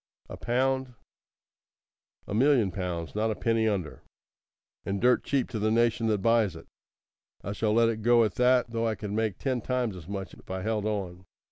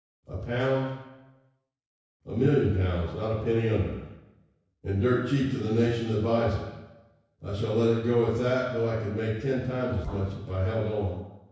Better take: first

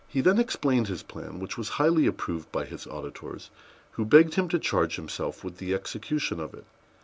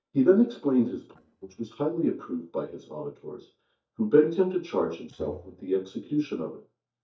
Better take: first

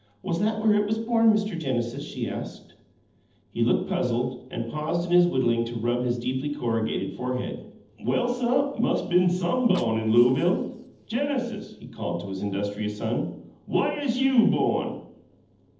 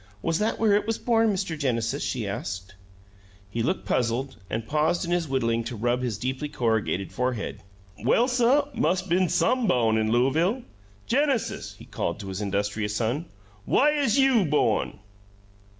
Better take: second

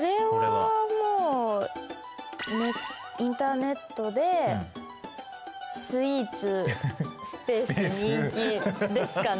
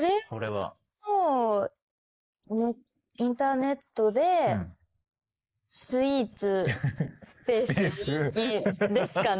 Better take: first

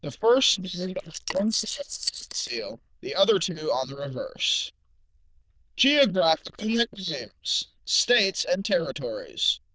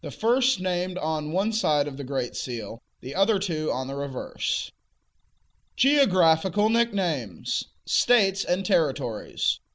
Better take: second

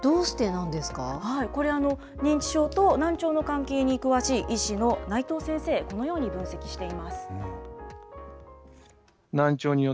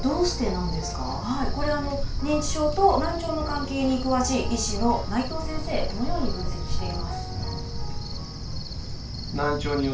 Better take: first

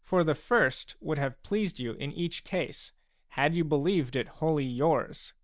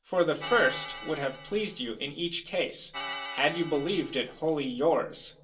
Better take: first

